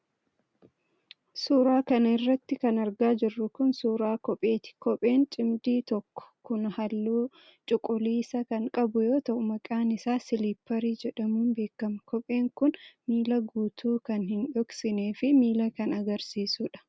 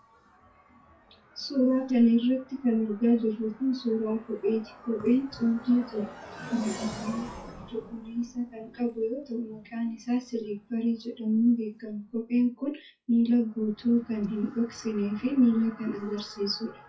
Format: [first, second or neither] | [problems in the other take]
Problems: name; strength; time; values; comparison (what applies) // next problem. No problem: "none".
first | noise reduction (classical method WPE with log-MMSE)